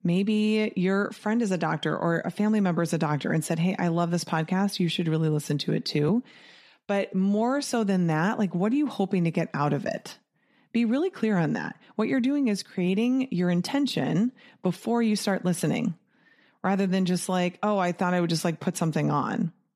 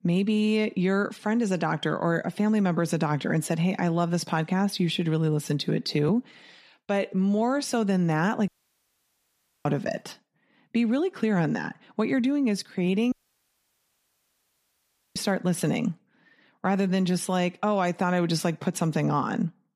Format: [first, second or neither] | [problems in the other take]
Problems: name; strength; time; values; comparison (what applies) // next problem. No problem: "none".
first | audio cutting out; at 8.5 s for 1 s and at 13 s for 2 s